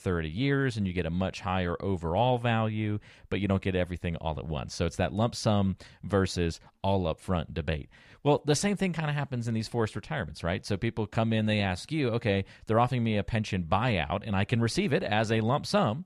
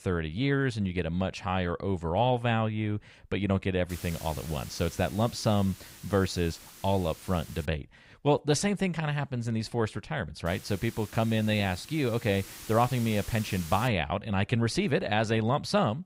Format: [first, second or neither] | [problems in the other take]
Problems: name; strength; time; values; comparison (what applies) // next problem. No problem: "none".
first | hiss; noticeable; from 4 to 7.5 s and from 10 to 14 s; 15 dB below the speech